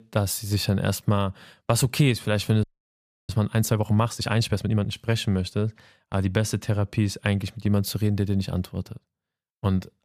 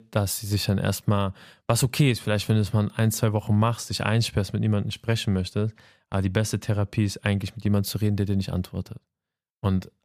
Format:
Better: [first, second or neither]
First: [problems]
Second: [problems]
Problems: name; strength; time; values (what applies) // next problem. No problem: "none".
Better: second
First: audio freezing; at 2.5 s for 0.5 s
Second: none